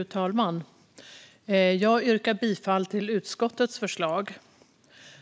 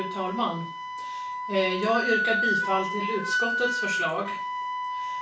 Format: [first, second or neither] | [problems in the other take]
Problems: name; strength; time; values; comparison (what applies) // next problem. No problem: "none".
first | background sound (Wind instrument, woodwind instrument); 1 dB above the speech // room echo; dies away in 0.3 s